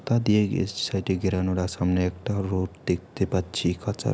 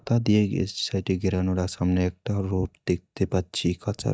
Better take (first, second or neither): first